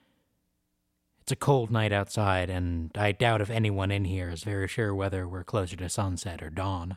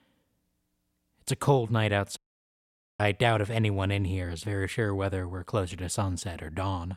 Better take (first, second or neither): first